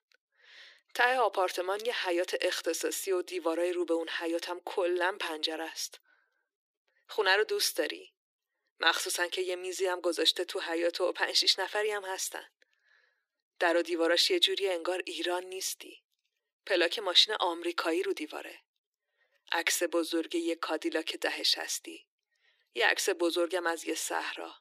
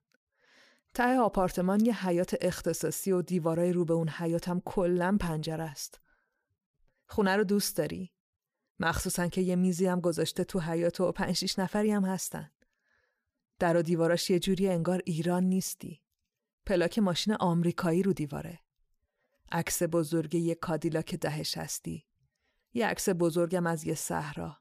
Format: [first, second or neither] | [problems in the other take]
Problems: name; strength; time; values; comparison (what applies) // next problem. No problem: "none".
second | thin; very; fading below 300 Hz